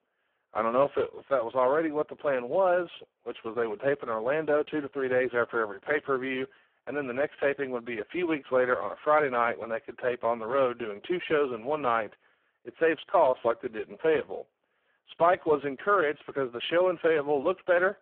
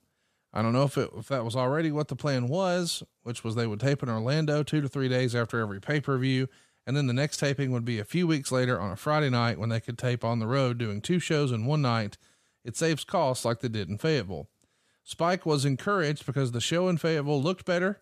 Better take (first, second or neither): second